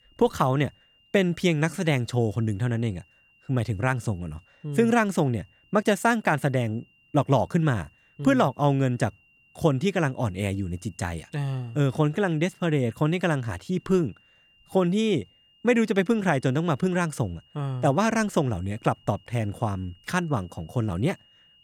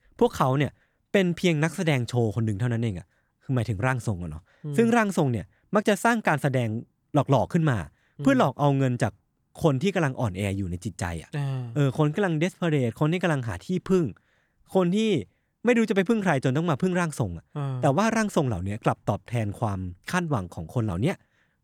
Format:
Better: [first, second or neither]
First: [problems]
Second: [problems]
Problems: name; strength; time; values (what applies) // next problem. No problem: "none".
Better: second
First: high-pitched whine; faint; throughout; 3 kHz, 35 dB below the speech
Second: none